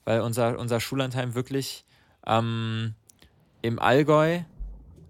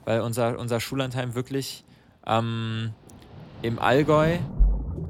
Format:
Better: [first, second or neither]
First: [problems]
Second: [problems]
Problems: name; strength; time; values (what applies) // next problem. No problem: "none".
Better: first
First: rain or running water; faint; throughout; 25 dB below the speech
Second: rain or running water; loud; throughout; 5 dB below the speech